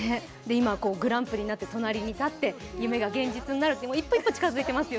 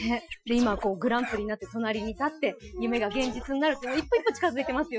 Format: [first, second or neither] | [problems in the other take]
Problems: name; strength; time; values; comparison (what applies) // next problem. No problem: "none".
first | noise reduction (classical method Wiener filter)